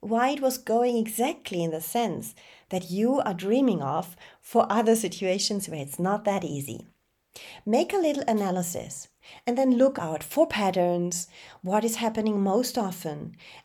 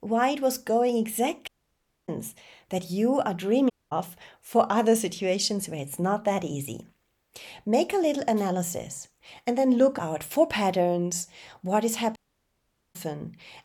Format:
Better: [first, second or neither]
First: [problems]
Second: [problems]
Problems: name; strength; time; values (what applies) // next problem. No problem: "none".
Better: first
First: none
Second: audio cutting out; at 1.5 s for 0.5 s, at 3.5 s and at 12 s for 1 s